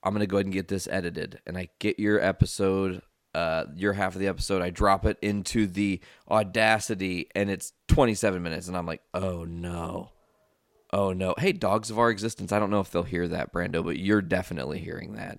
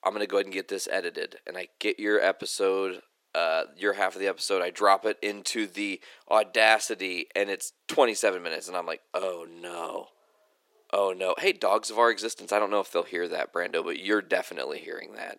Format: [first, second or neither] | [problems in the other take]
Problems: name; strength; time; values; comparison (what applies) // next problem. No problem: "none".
first | thin; very; fading below 350 Hz